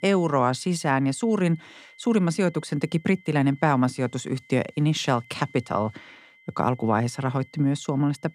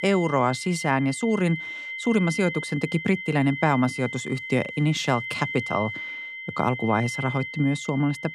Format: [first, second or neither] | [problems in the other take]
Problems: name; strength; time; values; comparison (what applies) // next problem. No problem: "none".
first | high-pitched whine; loud; throughout; 2 kHz, 8 dB below the speech; faint in the first